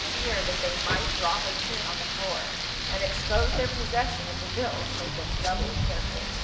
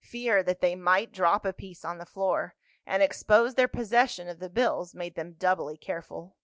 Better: second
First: background sound (Rain); 4 dB above the speech // room echo; dies away in 1 s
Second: none

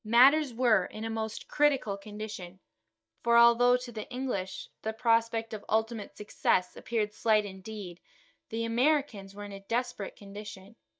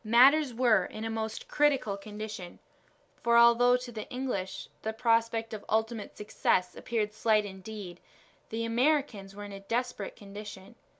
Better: second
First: noise reduction (neural mask model DeepFilterNet 3)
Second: none

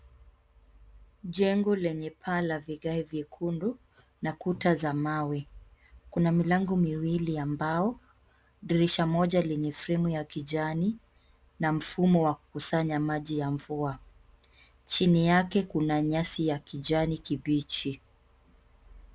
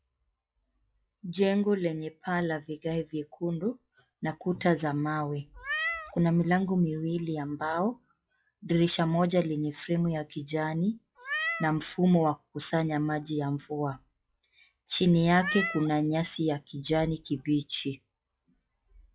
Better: first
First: none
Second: noise reduction (classical method log-MMSE)

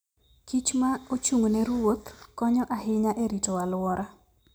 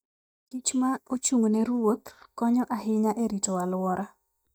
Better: first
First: none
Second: noise reduction (neural mask model DeepFilterNet 3)

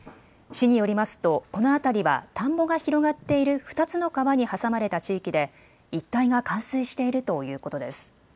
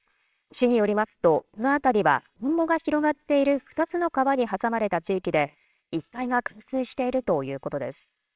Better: first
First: none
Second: noise reduction (neural separator model SepFormer WHAMR!)

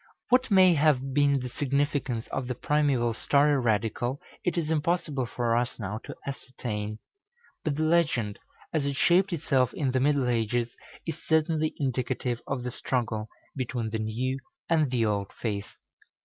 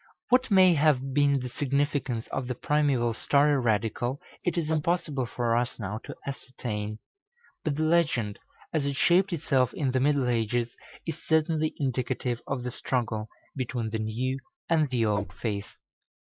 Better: first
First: none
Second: noise reduction (neural mask model Resemble Enhance denoiser)

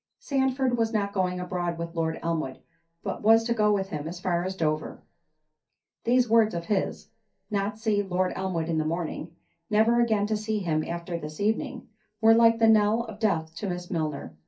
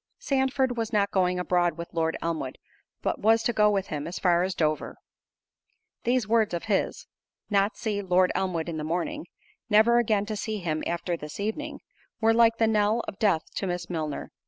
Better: second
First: room echo; dies away in 0.3 s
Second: none

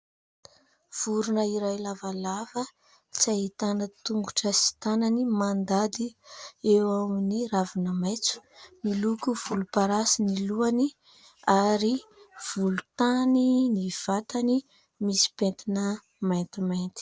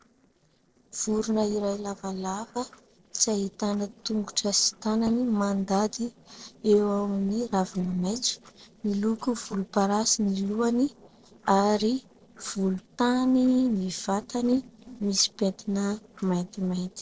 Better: first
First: none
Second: noise reduction (neural separator model SepFormer DNS4)

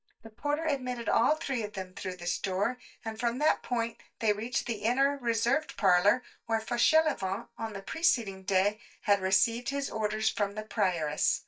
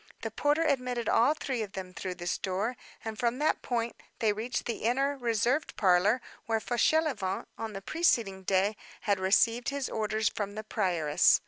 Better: second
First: noise reduction (neural mask model DeepFilterNet 3)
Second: none

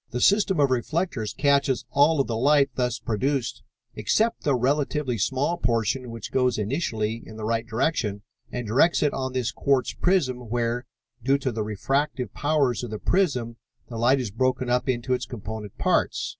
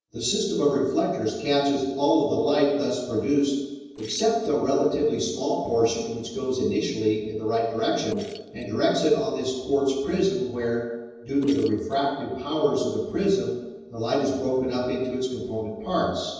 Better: first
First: none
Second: noise reduction (neural separator model SepFormer DNS4)

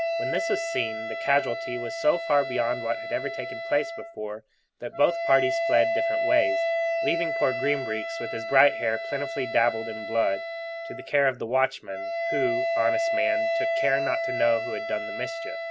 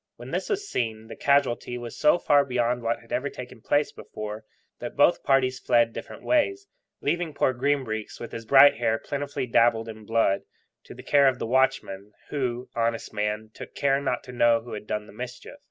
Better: second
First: background sound (Wind instrument, woodwind instrument); 2 dB below the speech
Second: none

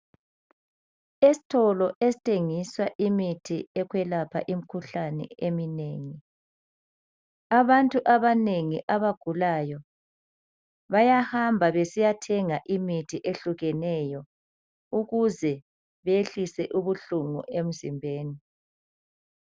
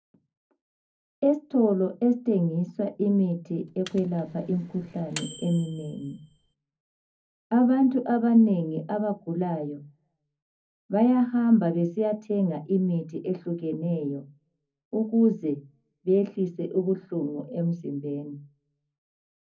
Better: first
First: none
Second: background sound (Microwave oven); 18 dB below the speech // room echo; dies away in 0.4 s

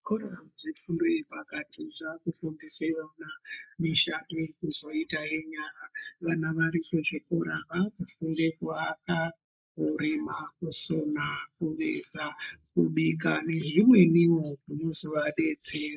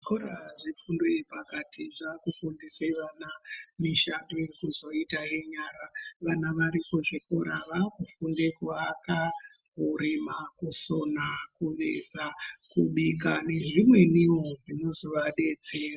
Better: second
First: noise reduction (neural mask model Resemble Enhance denoiser)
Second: none

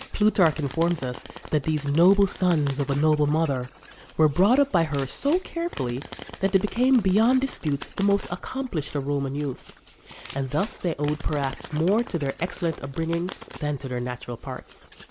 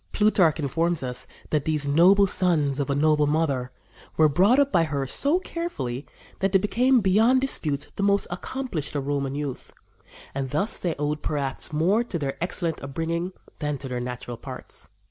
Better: second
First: background sound (Wild animals + Domestic sounds, home sounds); 18 dB below the speech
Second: none

